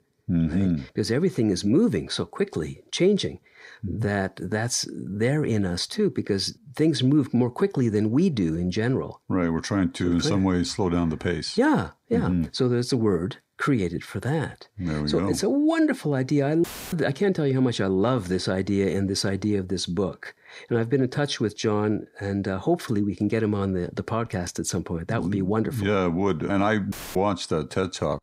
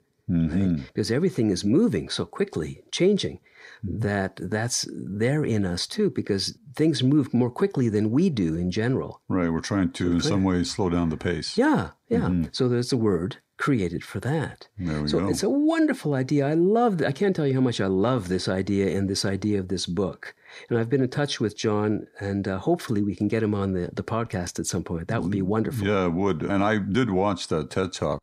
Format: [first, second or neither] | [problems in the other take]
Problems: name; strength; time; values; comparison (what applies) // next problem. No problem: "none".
second | audio cutting out; filled with static; at 17 s and at 27 s